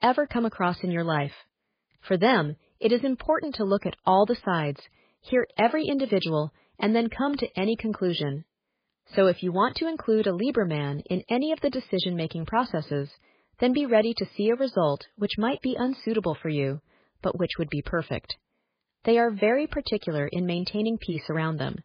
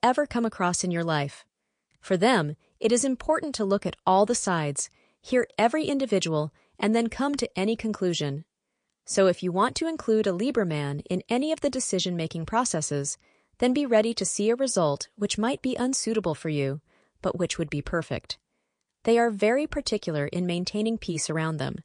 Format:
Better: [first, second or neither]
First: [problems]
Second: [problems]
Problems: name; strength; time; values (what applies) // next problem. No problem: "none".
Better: second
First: garbled, watery; badly; nothing above 4 kHz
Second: garbled, watery; slightly; nothing above 9 kHz